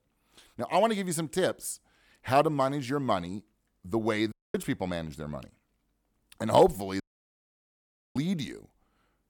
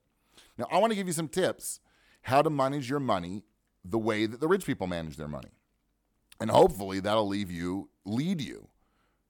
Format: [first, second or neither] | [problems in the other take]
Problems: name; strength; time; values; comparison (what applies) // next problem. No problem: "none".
second | audio cutting out; at 4.5 s and at 7 s for 1 s